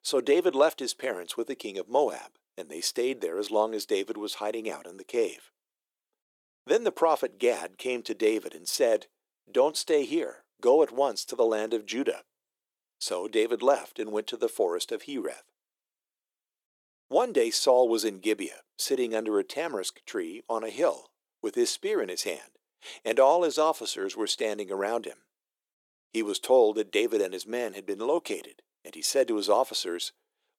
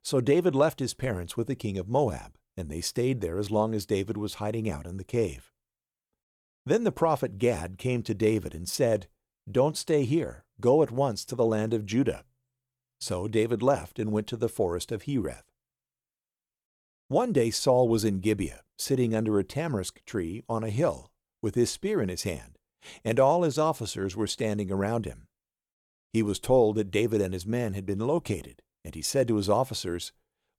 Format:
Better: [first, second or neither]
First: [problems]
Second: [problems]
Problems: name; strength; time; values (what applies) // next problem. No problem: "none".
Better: second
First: thin; somewhat; fading below 350 Hz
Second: none